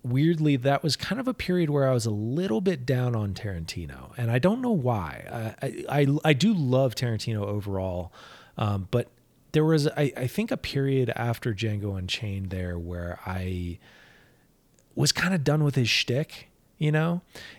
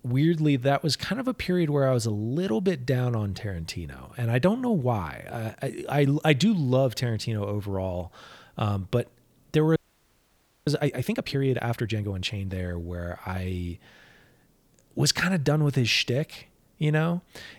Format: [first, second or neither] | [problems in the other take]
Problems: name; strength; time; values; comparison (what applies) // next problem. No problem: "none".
first | audio freezing; at 10 s for 1 s